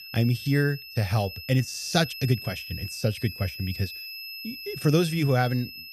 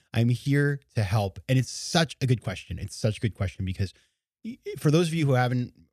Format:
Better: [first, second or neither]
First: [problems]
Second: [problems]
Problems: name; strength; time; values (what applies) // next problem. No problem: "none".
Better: second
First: high-pitched whine; noticeable; throughout; 2.5 kHz, 10 dB below the speech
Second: none